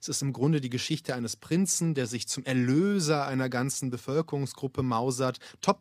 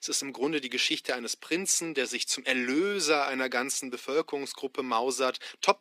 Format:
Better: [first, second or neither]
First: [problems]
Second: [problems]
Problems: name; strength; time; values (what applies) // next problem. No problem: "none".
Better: first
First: none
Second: thin; somewhat; fading below 300 Hz